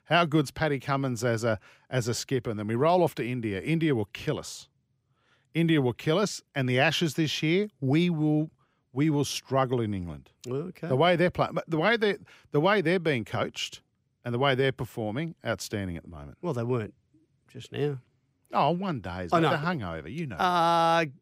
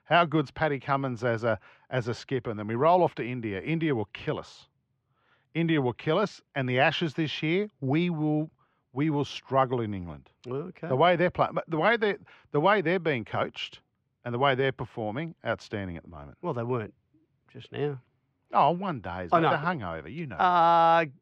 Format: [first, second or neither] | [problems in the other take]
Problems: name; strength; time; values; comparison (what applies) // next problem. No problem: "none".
first | muffled; slightly; fading above 3 kHz